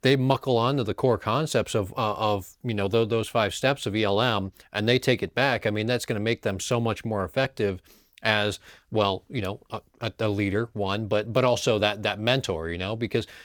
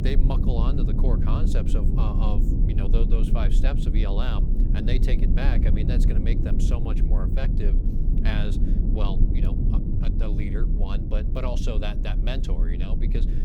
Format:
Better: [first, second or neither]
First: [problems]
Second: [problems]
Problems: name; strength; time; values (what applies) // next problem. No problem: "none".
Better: first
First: none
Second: low rumble; loud; throughout; 2 dB below the speech